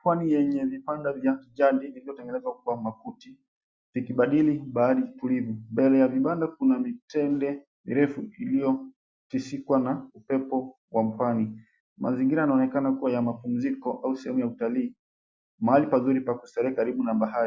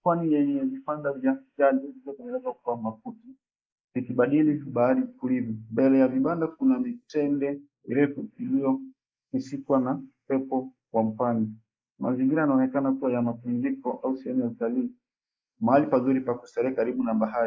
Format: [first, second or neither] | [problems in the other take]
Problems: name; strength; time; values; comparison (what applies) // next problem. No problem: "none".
first | noise reduction (neural mask model Resemble Enhance denoiser)